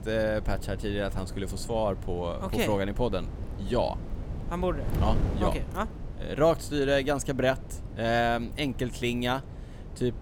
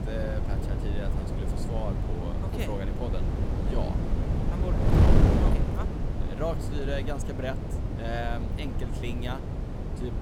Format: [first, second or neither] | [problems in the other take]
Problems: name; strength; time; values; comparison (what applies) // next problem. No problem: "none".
first | wind noise on the microphone; heavy; 1 dB above the speech; occasional gusts in the first